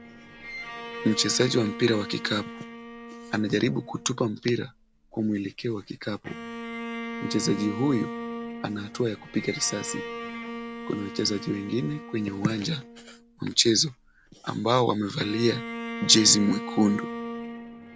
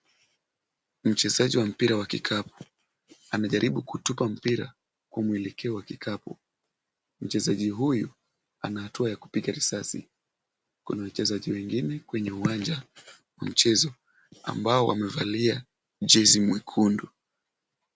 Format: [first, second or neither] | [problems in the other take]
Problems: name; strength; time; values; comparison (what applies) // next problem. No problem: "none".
second | background sound (Bowed string instrument); 11 dB below the speech